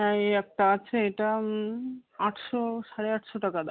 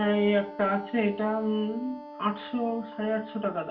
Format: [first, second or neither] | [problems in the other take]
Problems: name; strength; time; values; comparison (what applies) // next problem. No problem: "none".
first | background sound (Wind instrument, woodwind instrument); 15 dB below the speech // room echo; dies away in 0.3 s